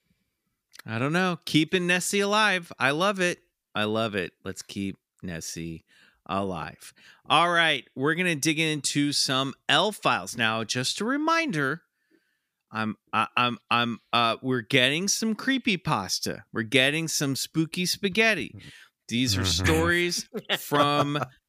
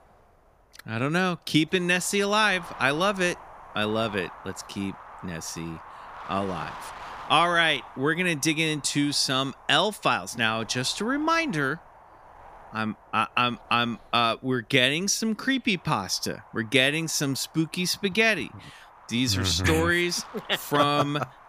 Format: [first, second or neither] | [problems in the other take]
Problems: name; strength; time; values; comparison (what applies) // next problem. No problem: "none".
first | wind noise on the microphone; occasional gusts; 20 dB below the speech